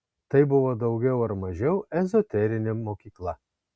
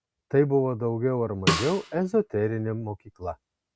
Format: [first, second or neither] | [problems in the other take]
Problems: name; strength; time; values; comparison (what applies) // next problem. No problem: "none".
first | background sound (Snare drum); 4 dB below the speech